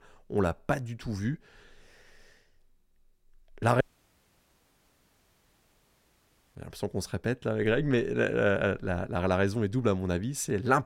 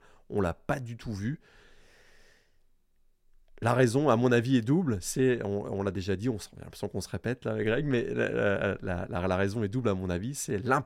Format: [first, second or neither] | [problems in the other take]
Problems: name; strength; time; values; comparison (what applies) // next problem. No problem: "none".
second | audio cutting out; at 4 s for 2.5 s